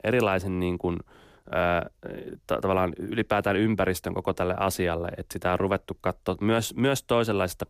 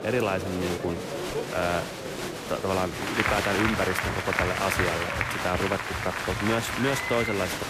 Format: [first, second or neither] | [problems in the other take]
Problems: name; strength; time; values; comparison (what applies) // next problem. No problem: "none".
first | crowd noise; loud; throughout; as loud as the speech